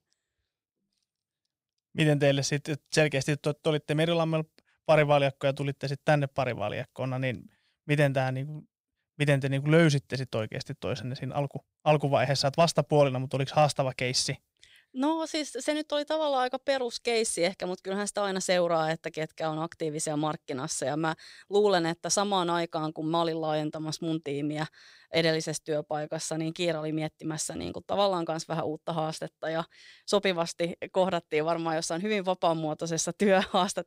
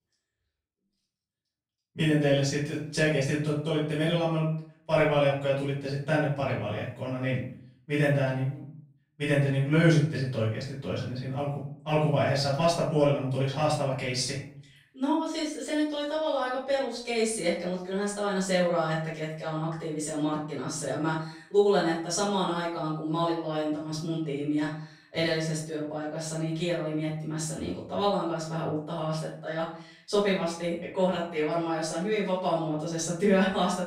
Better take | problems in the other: first | off-mic speech; far // room echo; noticeable; dies away in 0.5 s

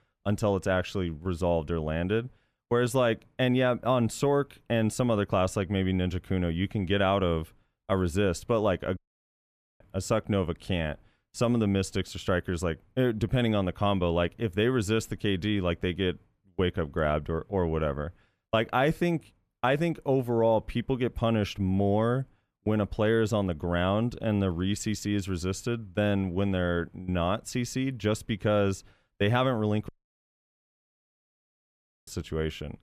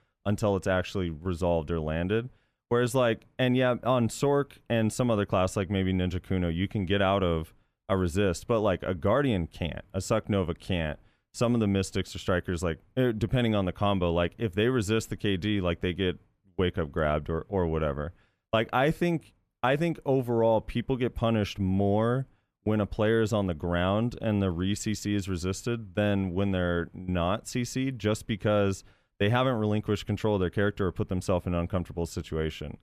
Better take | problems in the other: second | audio cutting out; at 9 s for 1 s and at 30 s for 2 s

